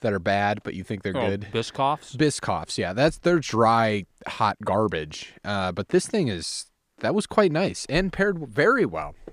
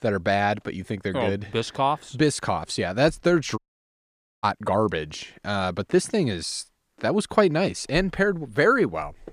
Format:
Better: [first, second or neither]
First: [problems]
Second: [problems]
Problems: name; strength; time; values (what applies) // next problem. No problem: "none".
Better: first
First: none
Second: audio cutting out; at 3.5 s for 1 s